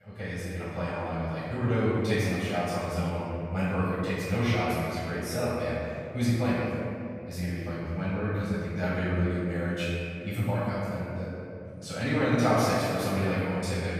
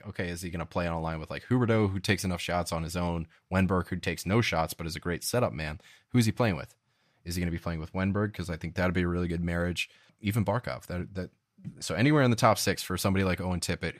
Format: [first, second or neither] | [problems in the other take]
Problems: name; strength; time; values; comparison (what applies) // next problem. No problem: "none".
second | off-mic speech; far // room echo; strong; dies away in 2.5 s